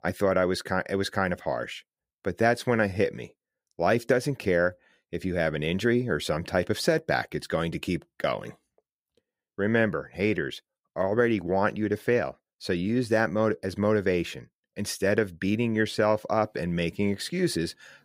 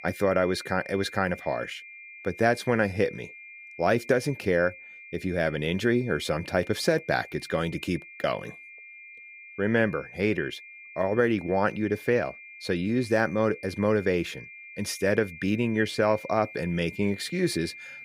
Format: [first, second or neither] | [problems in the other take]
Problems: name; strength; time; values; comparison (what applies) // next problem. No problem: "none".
first | high-pitched whine; noticeable; throughout; 2.5 kHz, 15 dB below the speech